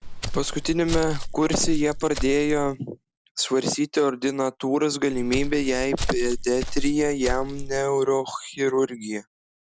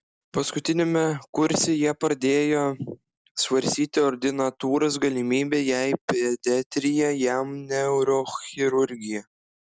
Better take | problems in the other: second | background sound (Walk, footsteps); 4 dB below the speech

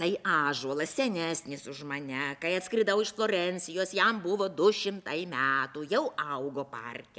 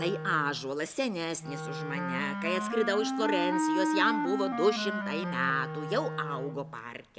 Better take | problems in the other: first | background sound (Wind instrument, woodwind instrument); 2 dB below the speech

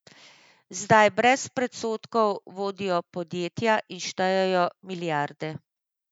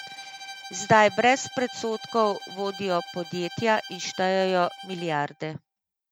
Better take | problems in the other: first | background sound (Bowed string instrument); 16 dB below the speech

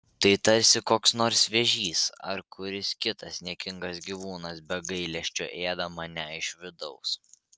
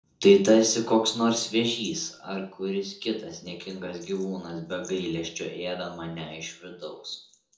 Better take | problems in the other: first | room echo; dies away in 0.5 s

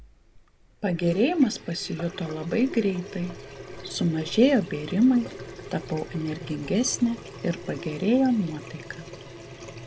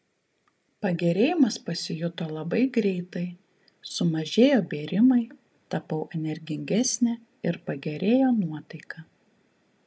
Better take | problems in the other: second | background sound (Sink (filling or washing) / Water tap, faucet); 14 dB below the speech

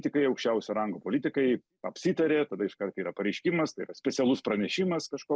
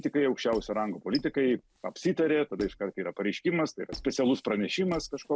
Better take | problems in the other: first | background sound (Squeak); 19 dB below the speech

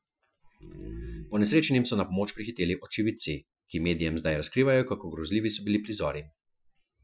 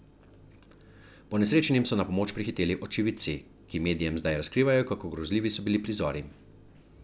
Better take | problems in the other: second | noise reduction (classical method Wiener filter)

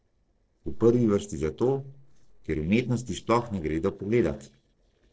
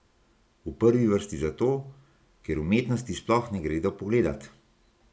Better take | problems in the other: second | noise reduction (neural separator model SepFormer DNS4)

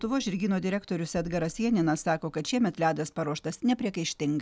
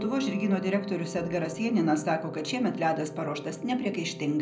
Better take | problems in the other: first | background sound (Wind instrument, woodwind instrument); 14 dB below the speech // room echo; dies away in 0.5 s

